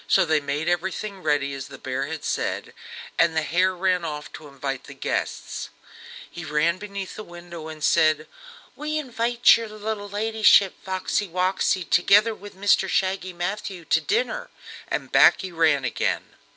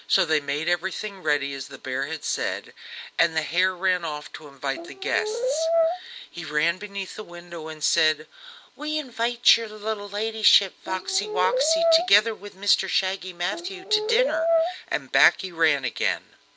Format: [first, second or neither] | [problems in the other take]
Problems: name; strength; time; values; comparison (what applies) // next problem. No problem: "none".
first | background sound (Brass instrument); 1 dB above the speech